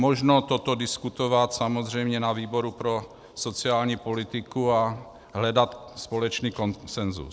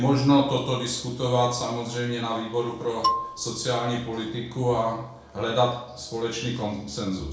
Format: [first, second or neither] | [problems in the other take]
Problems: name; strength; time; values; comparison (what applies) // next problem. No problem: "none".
first | background sound (Marimba, xylophone); 5 dB below the speech // room echo; dies away in 0.6 s